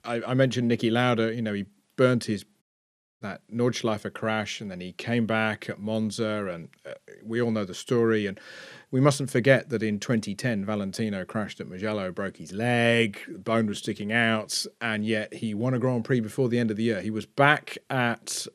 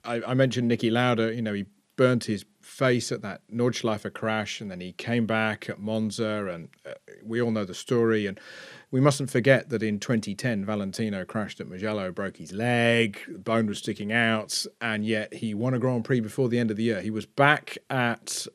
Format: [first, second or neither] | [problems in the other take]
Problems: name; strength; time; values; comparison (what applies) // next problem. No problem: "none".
second | audio cutting out; at 2.5 s for 0.5 s